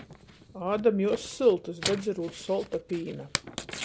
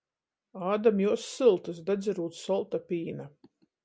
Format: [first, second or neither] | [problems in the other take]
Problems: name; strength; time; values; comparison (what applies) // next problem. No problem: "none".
second | background sound (Tearing); 10 dB below the speech